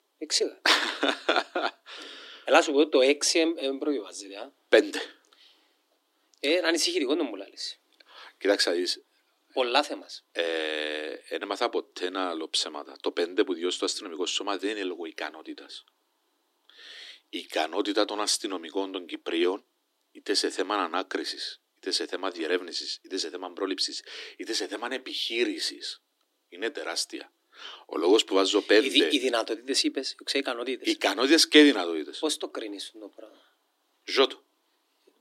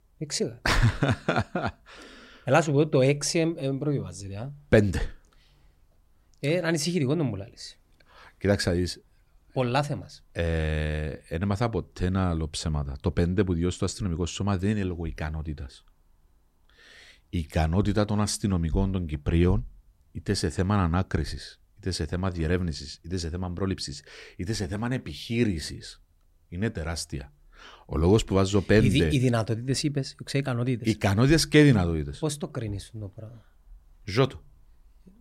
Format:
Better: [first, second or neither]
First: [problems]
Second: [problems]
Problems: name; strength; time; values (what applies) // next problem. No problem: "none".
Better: second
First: thin; somewhat; fading below 300 Hz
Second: none